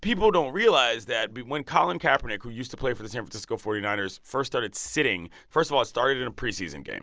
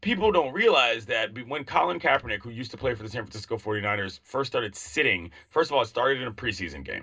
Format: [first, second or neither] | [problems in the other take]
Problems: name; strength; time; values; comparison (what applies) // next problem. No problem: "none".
first | room echo; dies away in 0.2 s